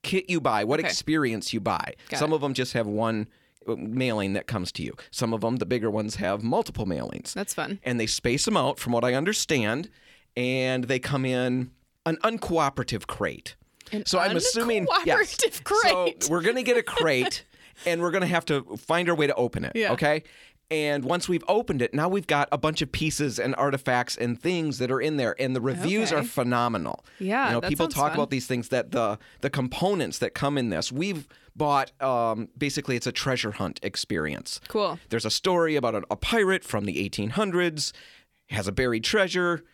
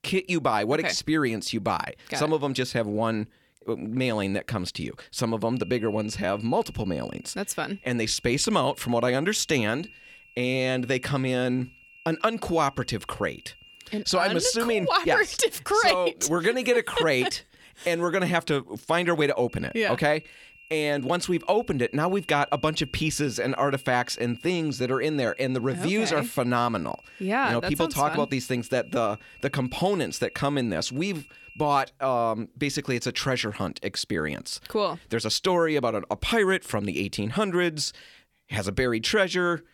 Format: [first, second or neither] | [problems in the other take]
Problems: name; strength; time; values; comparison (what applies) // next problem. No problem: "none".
first | high-pitched whine; faint; from 5.5 to 15 s and from 19 to 32 s; 2.5 kHz, 20 dB below the speech